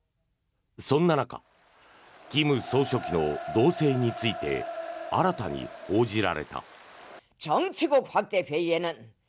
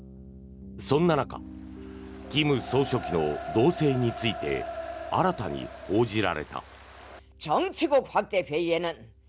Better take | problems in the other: first | background sound (Piano); 18 dB below the speech

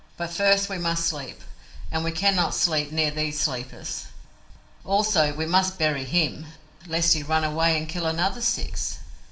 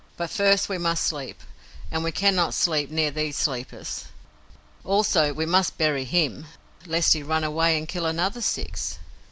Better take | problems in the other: second | room echo; dies away in 0.7 s

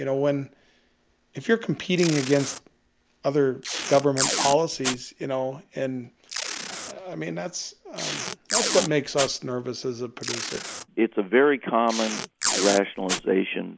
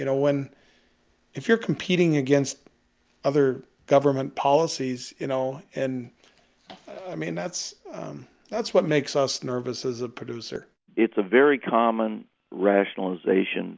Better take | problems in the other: second | background sound (Packing tape, duct tape); 5 dB below the speech

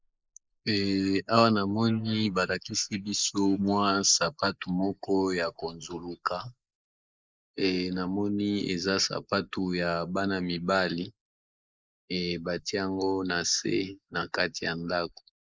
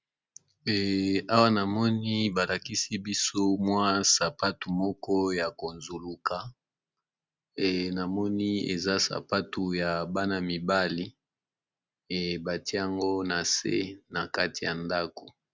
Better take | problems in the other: second | noise reduction (neural mask model Resemble Enhance denoiser)

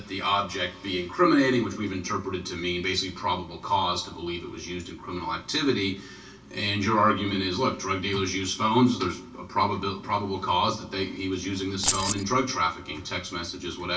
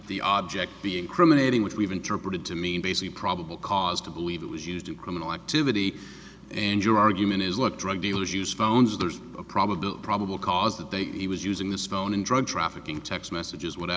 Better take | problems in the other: second | background sound (Keys jangling); 1 dB below the speech // room echo; dies away in 0.3 s

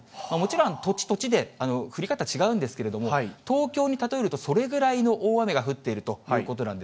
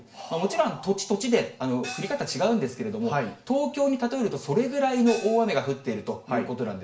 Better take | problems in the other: first | background sound (Gong); 16 dB below the speech // room echo; dies away in 0.4 s

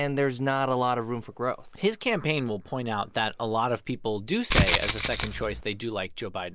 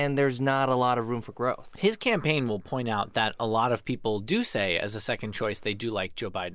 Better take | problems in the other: second | background sound (Rattle (instrument)); 2 dB above the speech

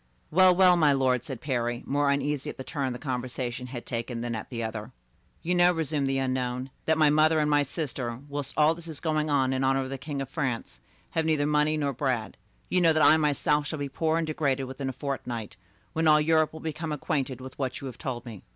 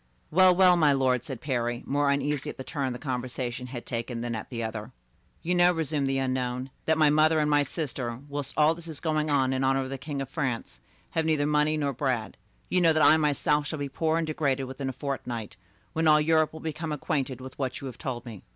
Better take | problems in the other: first | background sound (Ratchet, pawl); 17 dB below the speech

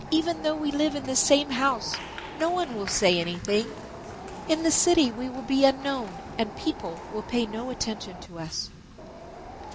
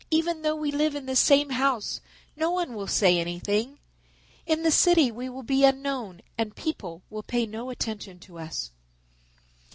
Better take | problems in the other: second | background sound (Wind + Applause); 12 dB below the speech

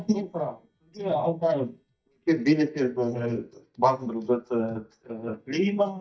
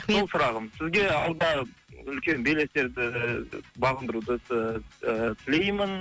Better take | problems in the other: second | noise reduction (neural mask model DeepFilterNet 3)

